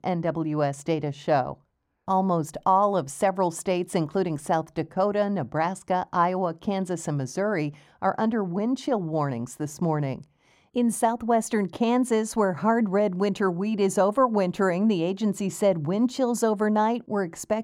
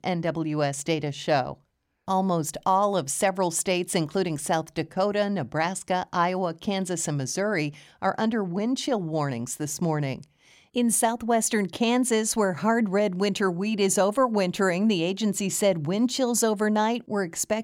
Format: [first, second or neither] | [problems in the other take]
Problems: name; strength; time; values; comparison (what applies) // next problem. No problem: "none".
second | muffled; slightly; fading above 1.5 kHz